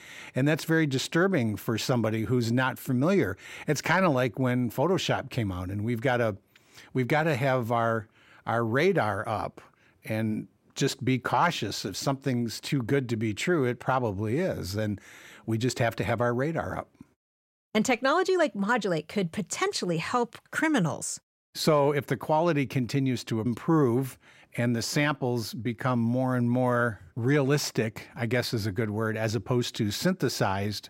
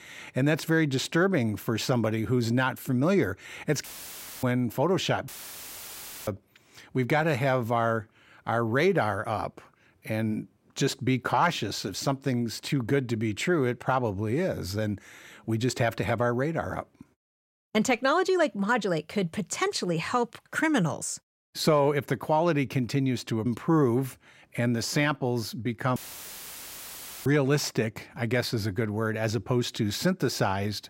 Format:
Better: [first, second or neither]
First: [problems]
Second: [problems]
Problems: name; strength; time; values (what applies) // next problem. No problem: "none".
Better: first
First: none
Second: audio cutting out; filled with static; at 4 s for 0.5 s, at 5.5 s for 1 s and at 26 s for 1.5 s